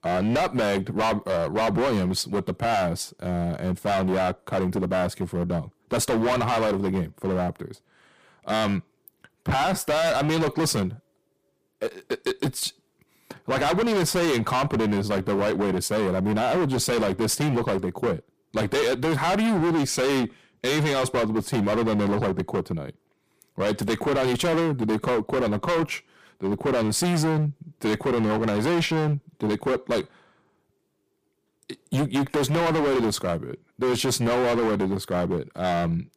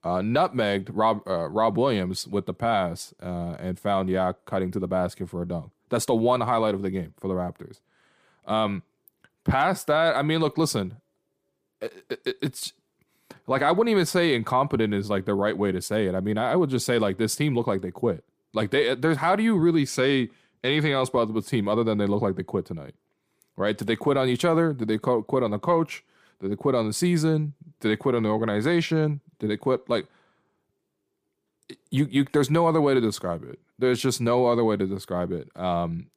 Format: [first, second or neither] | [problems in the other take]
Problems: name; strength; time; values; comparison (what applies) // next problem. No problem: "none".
second | distortion; heavy; 23% of the sound clipped